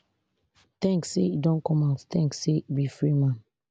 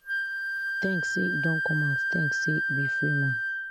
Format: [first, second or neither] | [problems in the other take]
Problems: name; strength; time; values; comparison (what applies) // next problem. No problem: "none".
first | background sound (Wind instrument, woodwind instrument); 3 dB above the speech